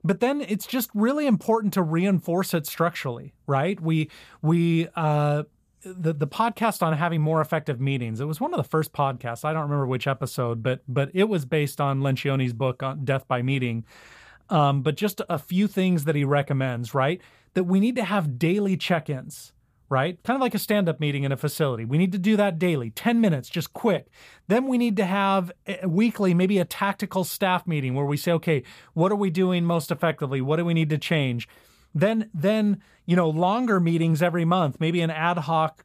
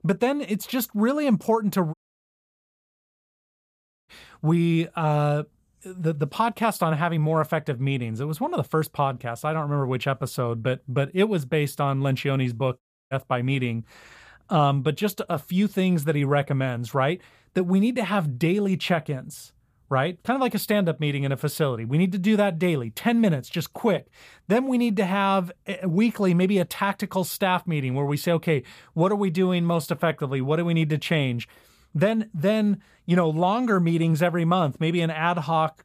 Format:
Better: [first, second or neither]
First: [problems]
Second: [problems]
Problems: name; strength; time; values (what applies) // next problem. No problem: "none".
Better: first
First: none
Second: audio cutting out; at 2 s for 2 s and at 13 s